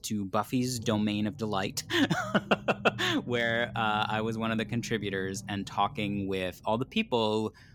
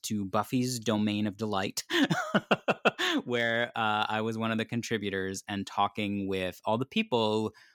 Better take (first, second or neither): second